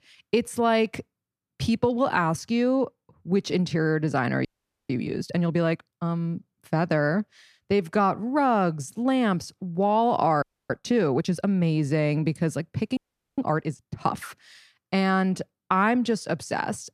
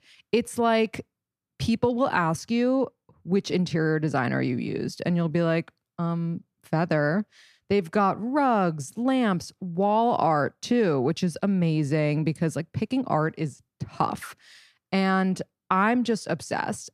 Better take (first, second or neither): second